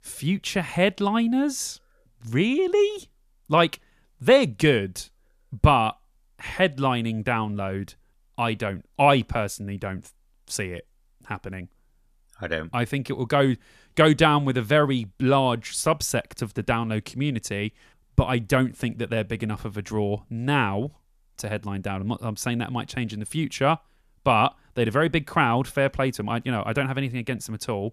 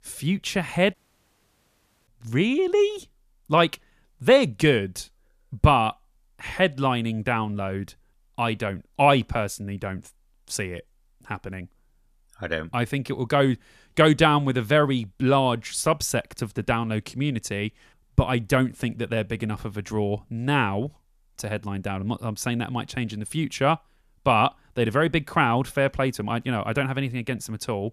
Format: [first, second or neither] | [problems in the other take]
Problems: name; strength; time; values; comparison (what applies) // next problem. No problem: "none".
first | audio cutting out; at 1 s for 1 s